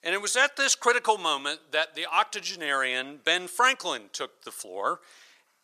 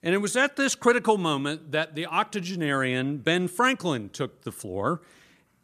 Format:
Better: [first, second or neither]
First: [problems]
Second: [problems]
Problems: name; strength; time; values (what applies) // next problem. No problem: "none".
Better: second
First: thin; very; fading below 700 Hz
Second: none